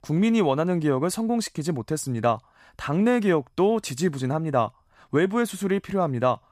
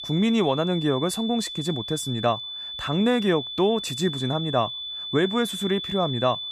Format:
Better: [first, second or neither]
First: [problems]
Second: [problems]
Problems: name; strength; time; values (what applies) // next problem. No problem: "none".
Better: first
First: none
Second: high-pitched whine; loud; throughout; 3.5 kHz, 6 dB below the speech